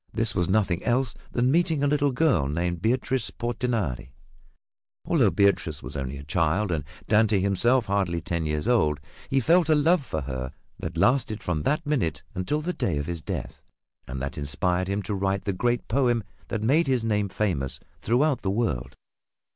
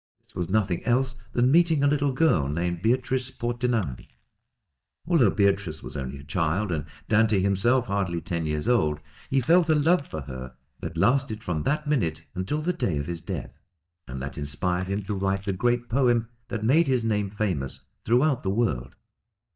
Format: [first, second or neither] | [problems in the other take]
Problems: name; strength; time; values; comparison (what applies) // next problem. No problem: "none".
first | noise reduction (neural mask model DeepFilterNet 3)